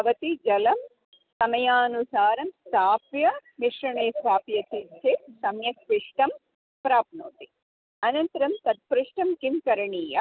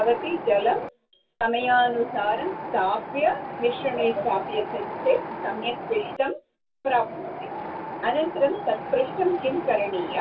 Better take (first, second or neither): first